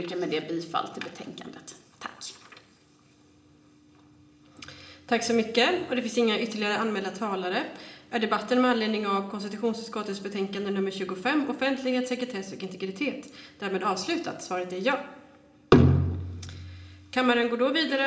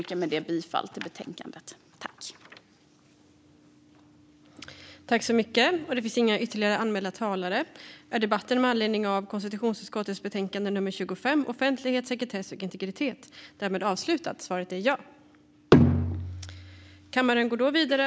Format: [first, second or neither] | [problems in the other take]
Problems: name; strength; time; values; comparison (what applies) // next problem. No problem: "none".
second | room echo; dies away in 1.6 s